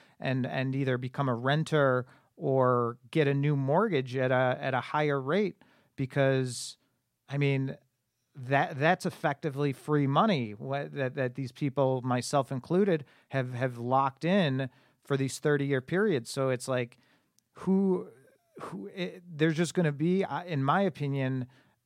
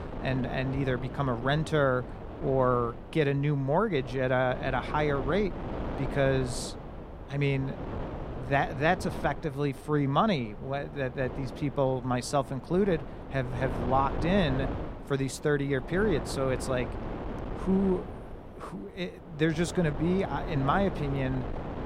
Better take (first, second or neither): first